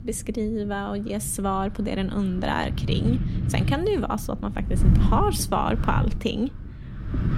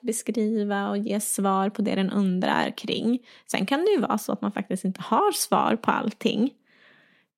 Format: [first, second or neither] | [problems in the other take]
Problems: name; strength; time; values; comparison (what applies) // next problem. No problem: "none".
second | wind noise on the microphone; occasional gusts; 10 dB below the speech